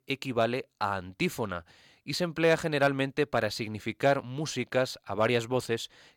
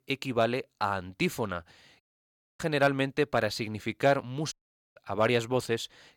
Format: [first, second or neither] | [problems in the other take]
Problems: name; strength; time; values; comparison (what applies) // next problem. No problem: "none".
first | audio cutting out; at 2 s for 0.5 s and at 4.5 s